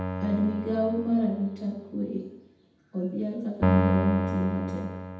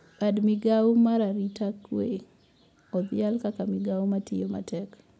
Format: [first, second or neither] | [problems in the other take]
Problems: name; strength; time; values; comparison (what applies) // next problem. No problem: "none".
second | background sound (Keyboard (musical)); 2 dB below the speech // room echo; dies away in 0.8 s